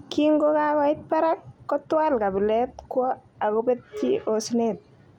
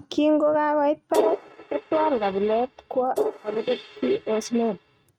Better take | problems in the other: first | noise reduction (neural mask model RNNoise)

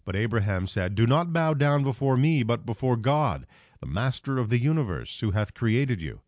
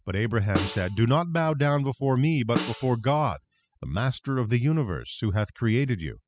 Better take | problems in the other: first | noise reduction (classical method spectral subtraction)

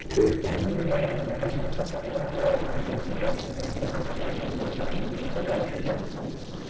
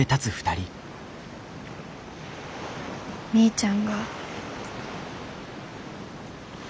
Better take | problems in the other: second | noise reduction (neural separator model SepFormer DNS4)

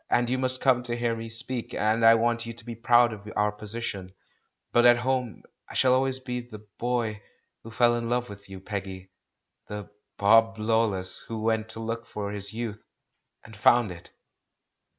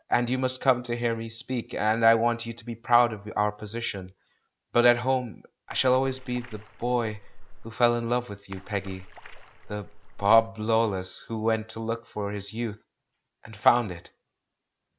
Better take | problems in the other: first | background sound (Splash, splatter); 14 dB below the speech

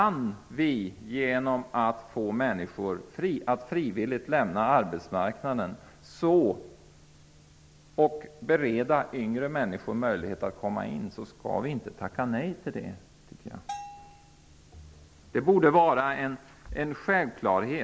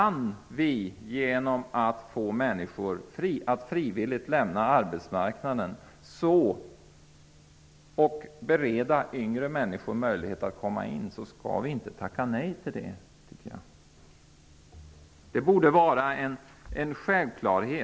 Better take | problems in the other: second | background sound (Bell); 16 dB below the speech

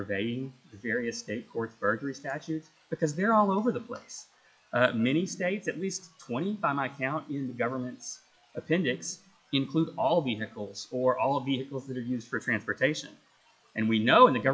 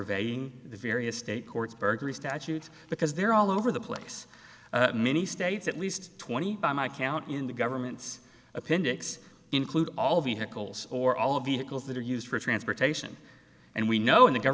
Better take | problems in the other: second | noise reduction (classical method log-MMSE)

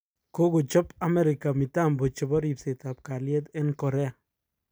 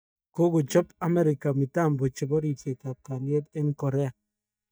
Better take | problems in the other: first | noise reduction (neural mask model DeepFilterNet 3)

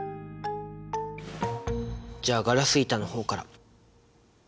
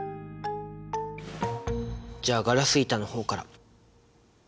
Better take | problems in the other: second | background sound (Snare drum); 18 dB below the speech

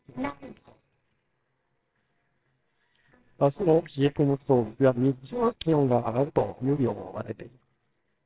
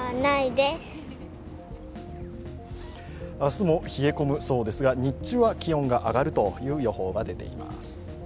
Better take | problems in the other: second | noise reduction (neural separator model SepFormer WHAMR!)

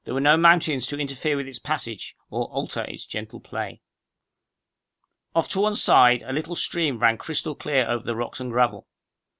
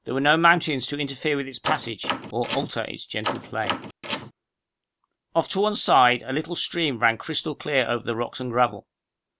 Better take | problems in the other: first | background sound (Door); 7 dB below the speech

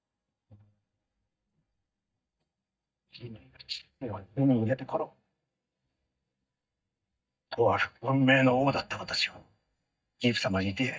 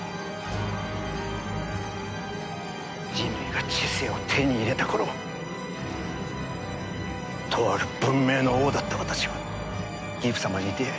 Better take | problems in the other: second | noise reduction (neural mask model DeepFilterNet 3)

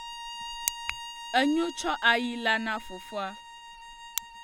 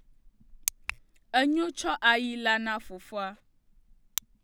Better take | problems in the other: second | background sound (Bowed string instrument); 12 dB below the speech

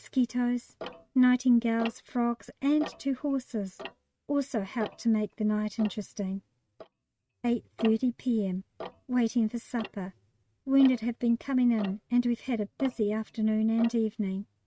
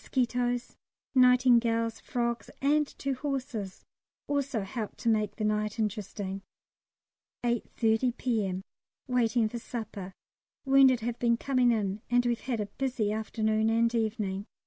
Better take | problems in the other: second | noise reduction (neural mask model RNNoise)

